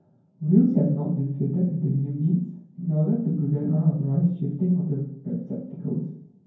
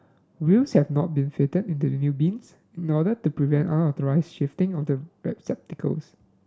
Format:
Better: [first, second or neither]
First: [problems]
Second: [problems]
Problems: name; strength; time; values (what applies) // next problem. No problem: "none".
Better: second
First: room echo; dies away in 0.9 s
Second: none